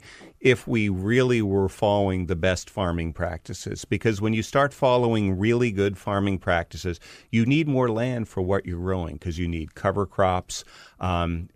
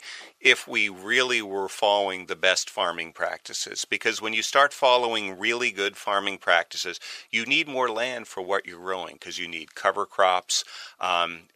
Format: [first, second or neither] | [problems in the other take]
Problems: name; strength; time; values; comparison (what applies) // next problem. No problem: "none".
first | thin; very; fading below 700 Hz